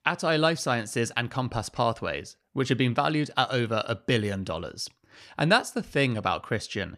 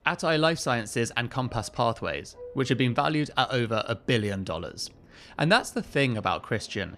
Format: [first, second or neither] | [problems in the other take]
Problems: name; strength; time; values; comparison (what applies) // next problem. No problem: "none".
first | train or aircraft noise; faint; throughout; 25 dB below the speech